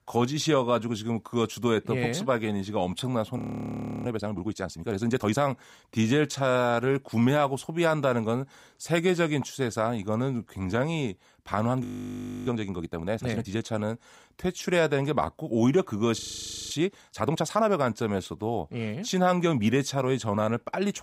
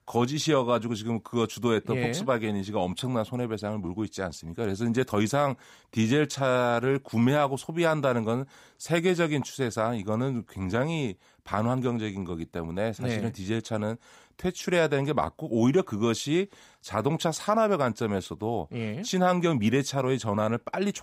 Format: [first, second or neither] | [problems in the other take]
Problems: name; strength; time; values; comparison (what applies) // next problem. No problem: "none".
second | audio freezing; at 3.5 s for 0.5 s, at 12 s for 0.5 s and at 16 s for 0.5 s